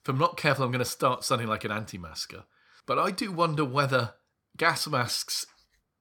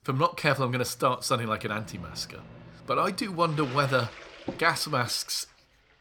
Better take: first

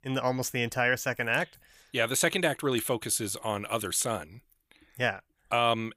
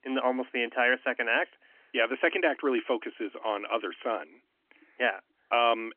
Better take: first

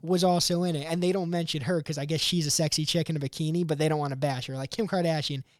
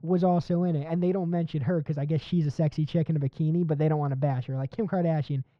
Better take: first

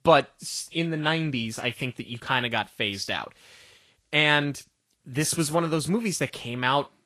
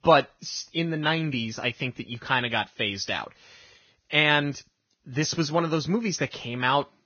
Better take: first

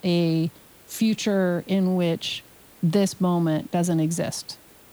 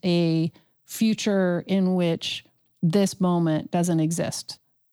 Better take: second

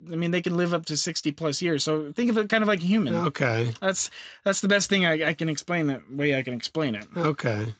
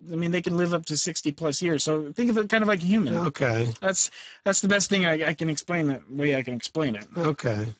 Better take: first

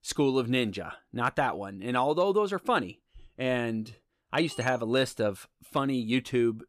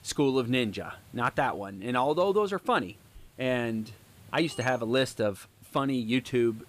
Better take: first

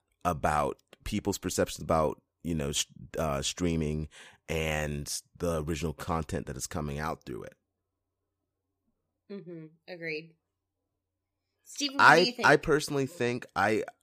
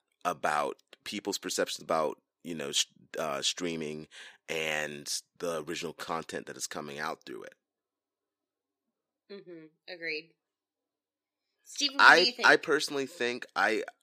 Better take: first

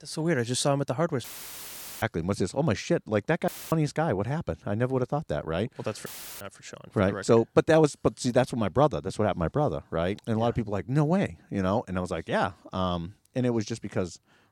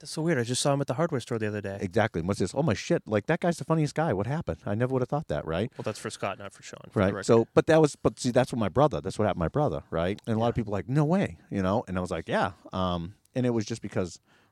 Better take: second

